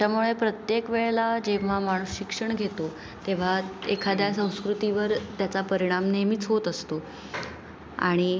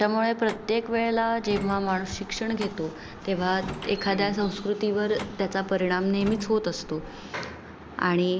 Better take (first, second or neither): first